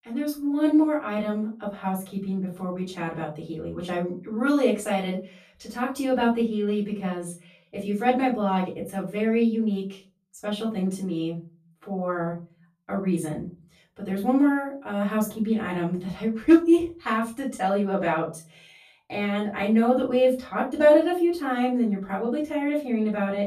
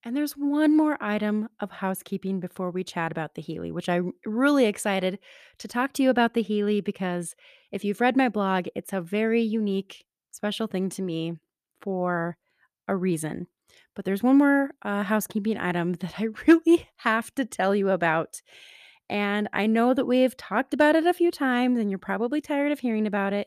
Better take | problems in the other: second | off-mic speech; far // room echo; slight; dies away in 0.3 s

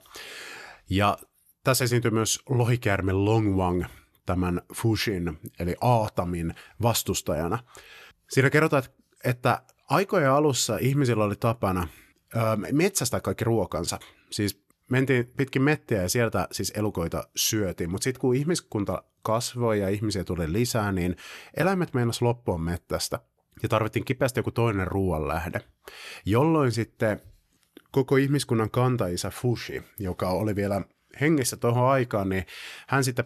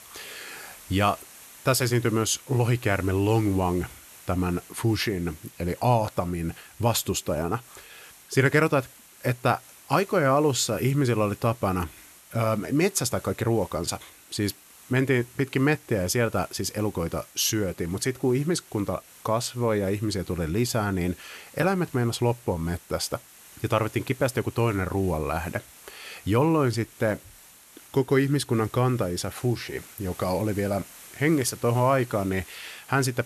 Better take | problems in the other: first | hiss; faint; throughout; 20 dB below the speech

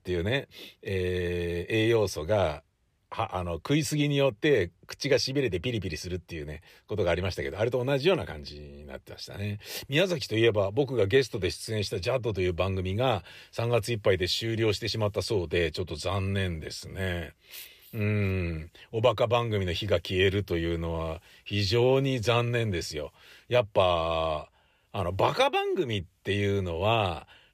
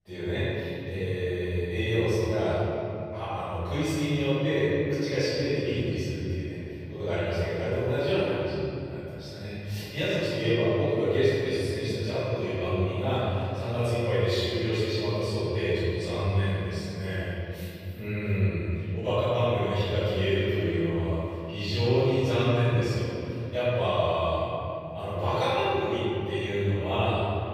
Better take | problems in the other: first | room echo; strong; dies away in 3 s // off-mic speech; far

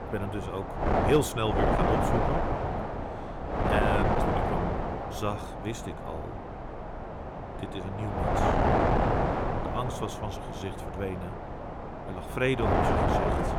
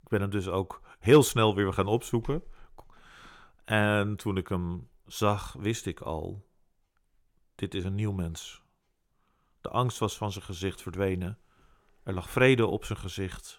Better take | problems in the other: second | wind noise on the microphone; heavy; 5 dB above the speech

